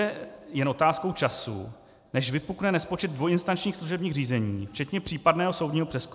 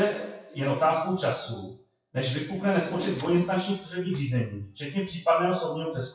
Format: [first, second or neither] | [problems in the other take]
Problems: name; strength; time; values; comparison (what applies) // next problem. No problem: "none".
first | noise reduction (classical method WPE with log-MMSE)